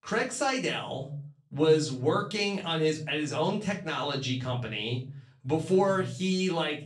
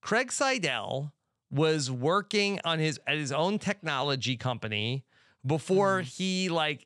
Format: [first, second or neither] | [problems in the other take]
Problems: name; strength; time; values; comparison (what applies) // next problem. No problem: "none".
second | off-mic speech; far // room echo; very slight; dies away in 0.3 s